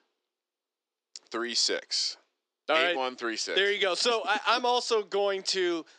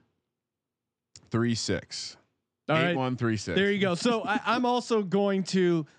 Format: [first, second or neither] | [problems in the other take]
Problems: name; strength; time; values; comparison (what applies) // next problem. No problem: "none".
second | thin; very; fading below 350 Hz